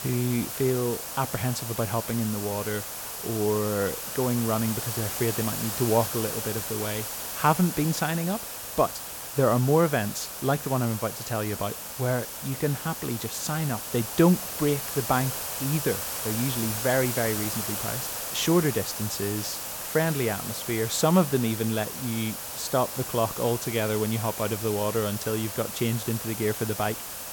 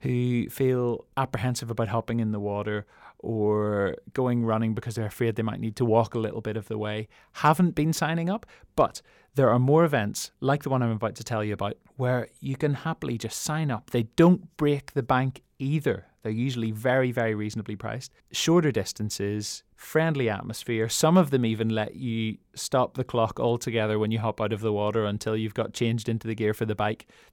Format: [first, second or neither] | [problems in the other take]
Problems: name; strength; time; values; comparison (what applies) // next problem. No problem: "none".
second | hiss; loud; throughout; 4 dB below the speech